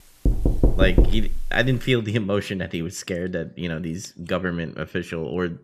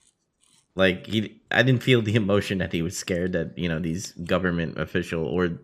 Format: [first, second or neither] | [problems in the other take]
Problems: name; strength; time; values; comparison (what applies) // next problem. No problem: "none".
second | door banging; loud; until 2 s; peak 5 dB above the speech